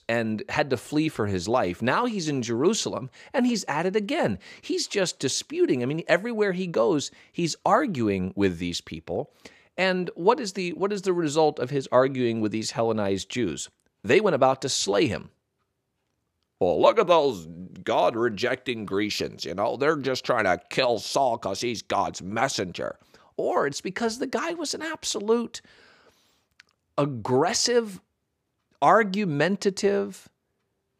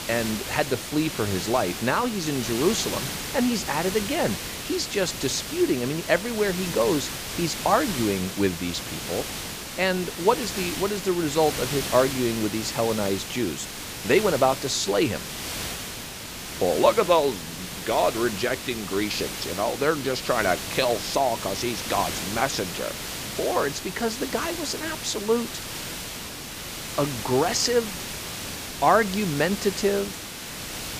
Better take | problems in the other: first | hiss; loud; throughout; 6 dB below the speech

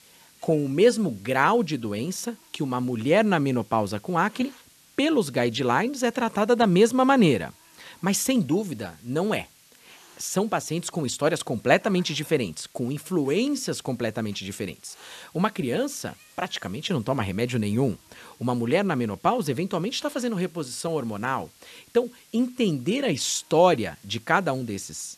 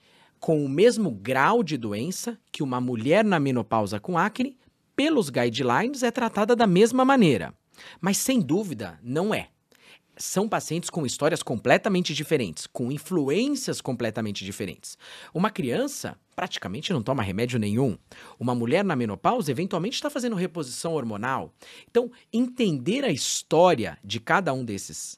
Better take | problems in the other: second | hiss; faint; throughout; 25 dB below the speech

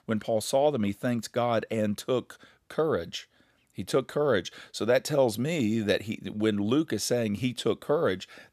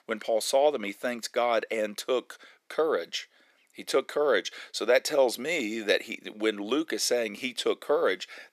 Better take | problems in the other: first | thin; somewhat; fading below 350 Hz

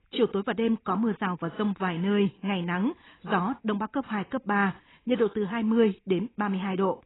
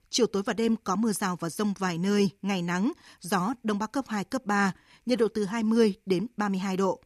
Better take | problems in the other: second | garbled, watery; badly; nothing above 4 kHz

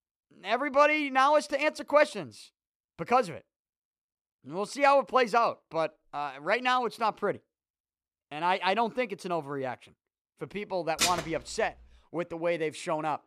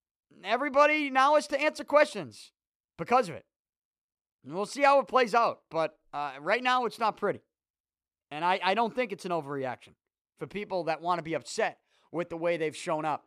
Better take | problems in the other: second | clattering dishes; loud; at 11 s; peak level with the speech

